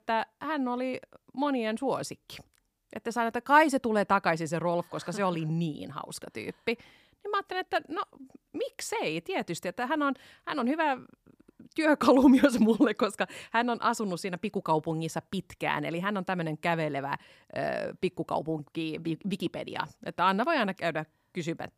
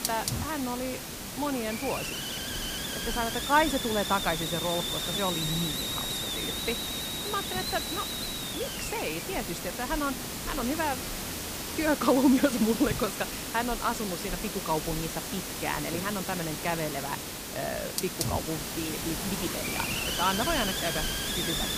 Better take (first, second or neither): first